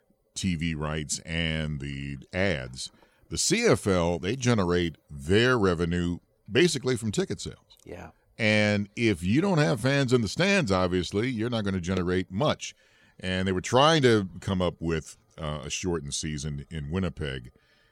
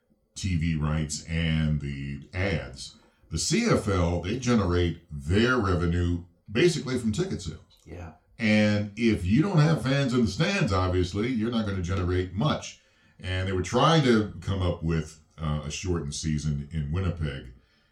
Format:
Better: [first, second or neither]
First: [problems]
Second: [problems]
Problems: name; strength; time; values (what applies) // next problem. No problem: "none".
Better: first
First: none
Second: room echo; very slight; dies away in 0.3 s // off-mic speech; somewhat distant